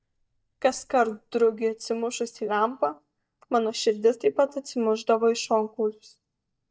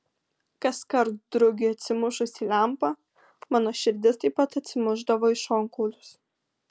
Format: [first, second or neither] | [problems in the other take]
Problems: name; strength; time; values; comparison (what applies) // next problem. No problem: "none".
second | noise reduction (neural mask model DeepFilterNet 3)